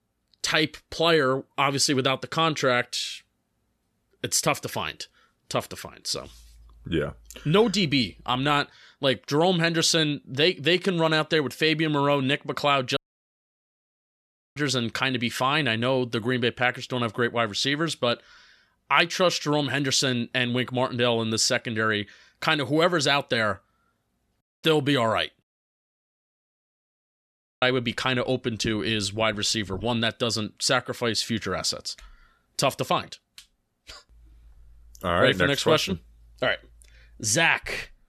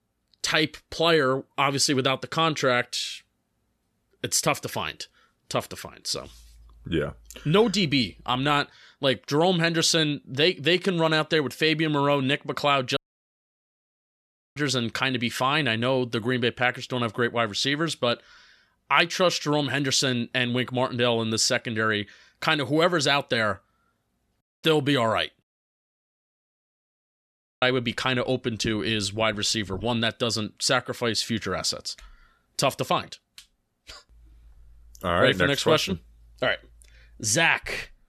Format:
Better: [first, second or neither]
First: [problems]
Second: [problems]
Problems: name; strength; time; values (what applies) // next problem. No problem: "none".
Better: neither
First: audio cutting out; at 13 s for 1.5 s, at 24 s and at 25 s for 2 s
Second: audio cutting out; at 13 s for 1.5 s, at 24 s and at 25 s for 2 s